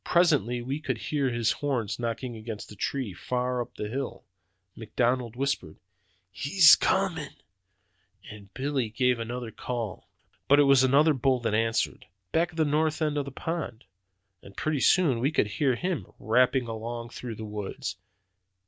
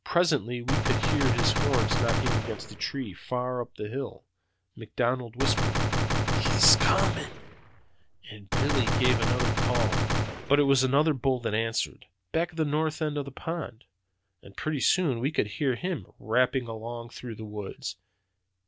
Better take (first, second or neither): first